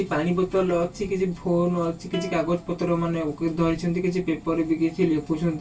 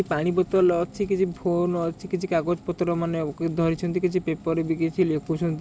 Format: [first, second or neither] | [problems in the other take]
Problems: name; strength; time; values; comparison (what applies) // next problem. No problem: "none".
second | background sound (Plucked string instrument); 19 dB below the speech // room echo; dies away in 0.1 s